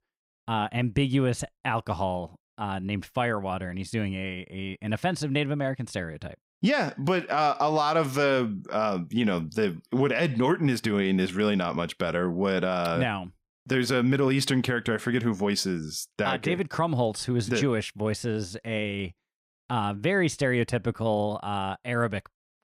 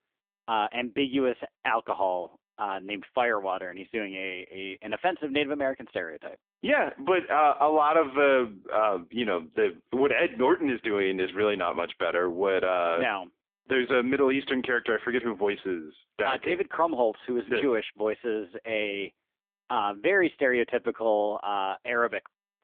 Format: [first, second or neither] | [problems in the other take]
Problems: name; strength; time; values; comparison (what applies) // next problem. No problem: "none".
first | phone-call audio; poor line; nothing above 3.5 kHz